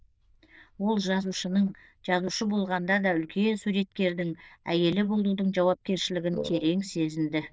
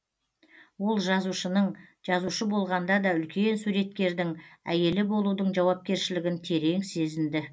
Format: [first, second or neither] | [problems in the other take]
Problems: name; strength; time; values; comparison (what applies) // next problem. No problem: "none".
second | noise reduction (neural diffusion model UNIVERSE++)